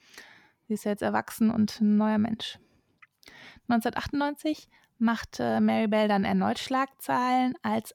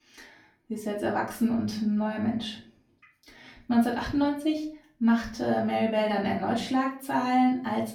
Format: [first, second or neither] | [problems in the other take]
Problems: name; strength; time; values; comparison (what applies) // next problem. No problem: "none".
first | room echo; slight; dies away in 0.4 s // off-mic speech; far